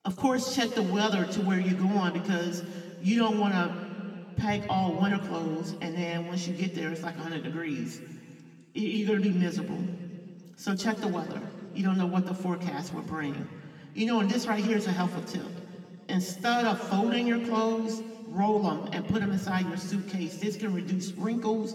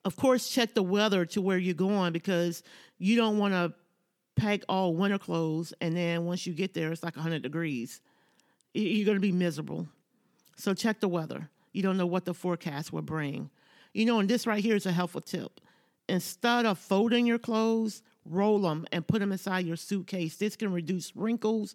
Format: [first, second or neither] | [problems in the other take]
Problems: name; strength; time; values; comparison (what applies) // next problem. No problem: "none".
second | room echo; slight; dies away in 2.1 s // off-mic speech; far